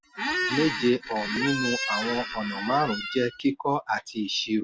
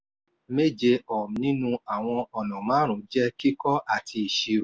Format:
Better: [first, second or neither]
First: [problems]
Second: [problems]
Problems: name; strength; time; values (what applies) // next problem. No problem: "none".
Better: second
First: background sound (Squeak); 4 dB below the speech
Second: none